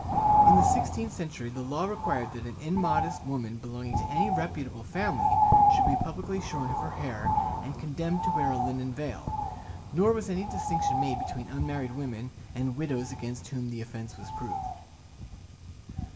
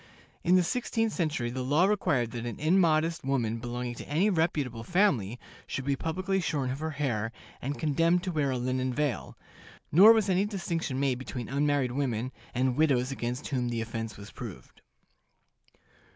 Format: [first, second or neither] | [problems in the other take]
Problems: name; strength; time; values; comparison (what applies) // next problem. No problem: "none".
second | background sound (Bird); 4 dB above the speech // room echo; dies away in 1.4 s